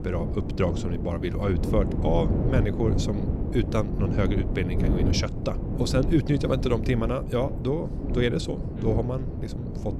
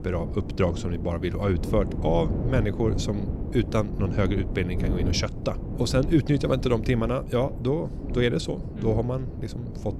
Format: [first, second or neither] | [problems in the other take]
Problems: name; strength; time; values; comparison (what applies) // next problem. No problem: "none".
second | wind noise on the microphone; heavy; 6 dB below the speech; occasional gusts in the second